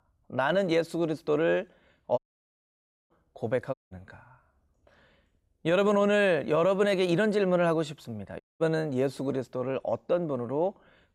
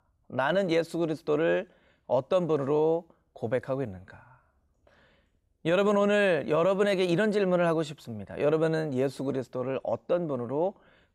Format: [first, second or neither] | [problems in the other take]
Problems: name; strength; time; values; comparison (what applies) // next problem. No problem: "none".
second | audio cutting out; at 2 s for 1 s, at 3.5 s and at 8.5 s